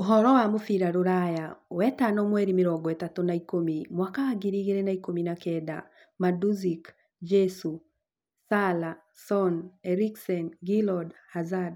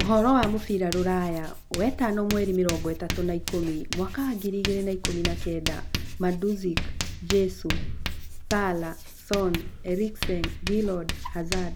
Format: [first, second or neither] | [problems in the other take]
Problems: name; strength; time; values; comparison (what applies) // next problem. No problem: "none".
first | background sound (Writing); 4 dB below the speech